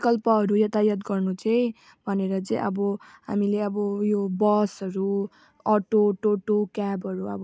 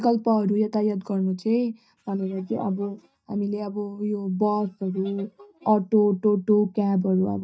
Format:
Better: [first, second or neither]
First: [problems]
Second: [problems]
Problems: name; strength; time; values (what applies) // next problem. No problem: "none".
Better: first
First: none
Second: noise reduction (neural mask model DeepFilterNet 3)